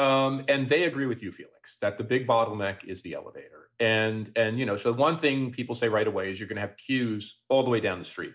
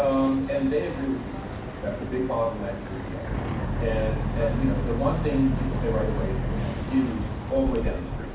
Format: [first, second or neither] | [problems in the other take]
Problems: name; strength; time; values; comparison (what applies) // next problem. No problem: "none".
first | background sound (Boat, Water vehicle); 1 dB below the speech // room echo; dies away in 0.6 s